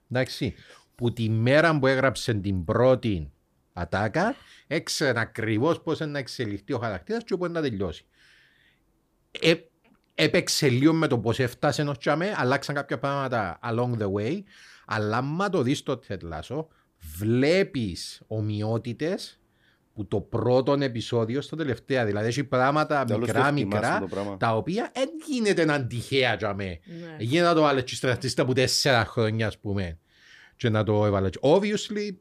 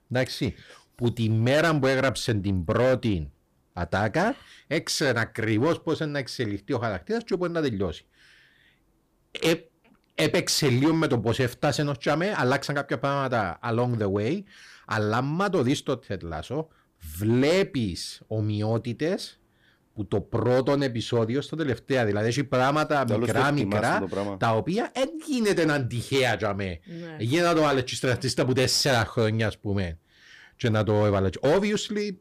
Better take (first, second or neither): first